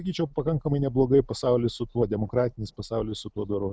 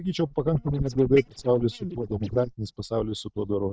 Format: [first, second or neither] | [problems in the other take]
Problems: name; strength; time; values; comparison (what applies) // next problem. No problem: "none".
first | noise reduction (neural mask model DeepFilterNet 3)